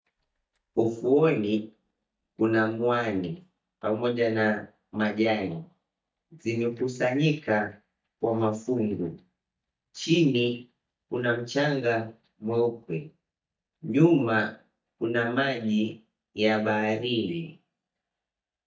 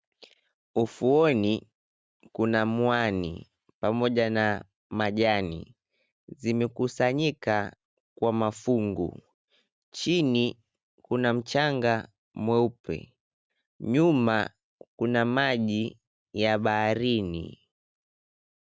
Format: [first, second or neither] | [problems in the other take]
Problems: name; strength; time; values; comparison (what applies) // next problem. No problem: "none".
second | noise reduction (neural mask model DeepFilterNet 3)